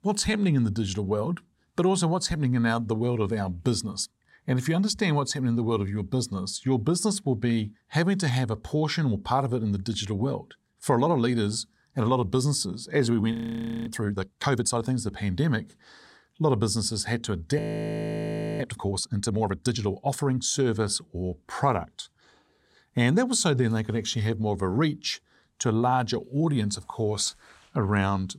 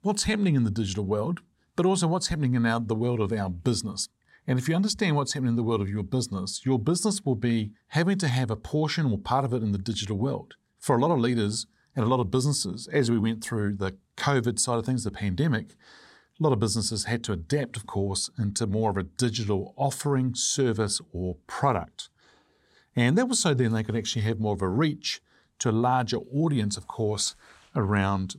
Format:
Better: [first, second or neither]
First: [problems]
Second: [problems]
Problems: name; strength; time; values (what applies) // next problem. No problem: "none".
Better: second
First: audio freezing; at 13 s for 0.5 s and at 18 s for 1 s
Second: none